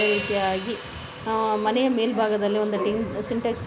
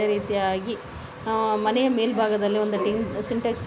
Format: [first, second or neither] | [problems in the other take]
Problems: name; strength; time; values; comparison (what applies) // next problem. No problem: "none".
second | background sound (Hi-hat); 13 dB below the speech